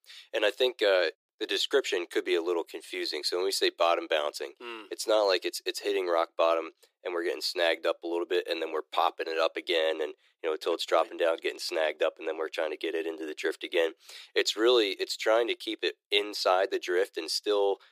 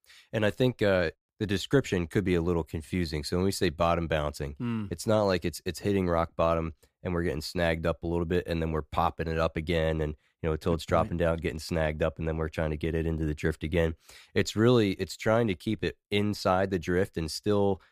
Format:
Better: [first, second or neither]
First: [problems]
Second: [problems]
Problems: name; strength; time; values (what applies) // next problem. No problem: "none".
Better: second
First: thin; very; fading below 350 Hz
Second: none